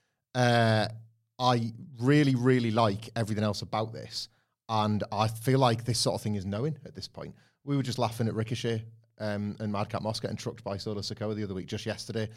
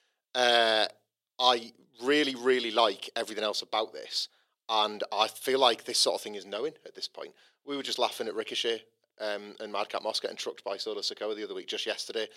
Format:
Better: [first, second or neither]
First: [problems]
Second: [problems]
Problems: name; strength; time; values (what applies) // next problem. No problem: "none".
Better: first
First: none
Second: thin; very; fading below 350 Hz